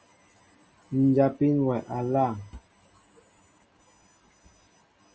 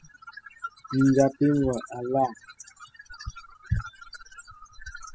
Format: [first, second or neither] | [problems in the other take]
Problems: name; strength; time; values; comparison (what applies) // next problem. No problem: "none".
first | noise reduction (classical method spectral subtraction)